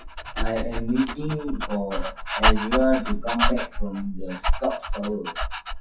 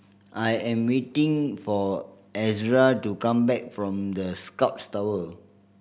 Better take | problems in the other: second | noise reduction (classical method WPE with log-MMSE)

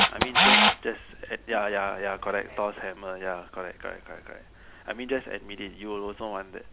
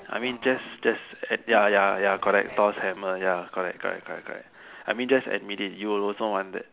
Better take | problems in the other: second | background sound (Camera); 4 dB above the speech

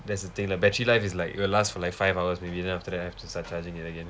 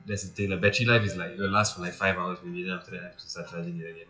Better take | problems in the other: first | noise reduction (classical method WPE with log-MMSE)

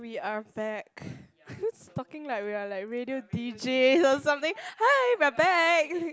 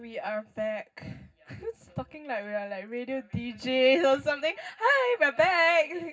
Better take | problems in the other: first | room echo; dies away in 0.4 s

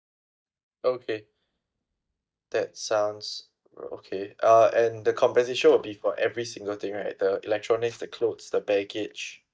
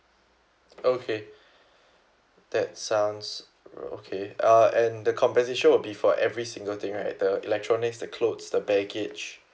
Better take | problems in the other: second | noise reduction (neural mask model DeepFilterNet 3)

